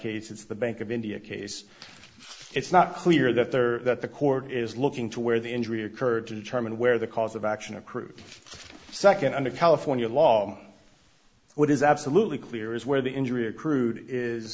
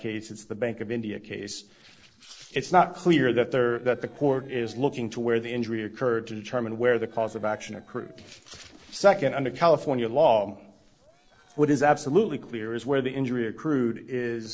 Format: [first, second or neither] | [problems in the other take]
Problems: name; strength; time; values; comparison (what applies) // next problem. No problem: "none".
first | noise reduction (neural separator model SepFormer DNS4)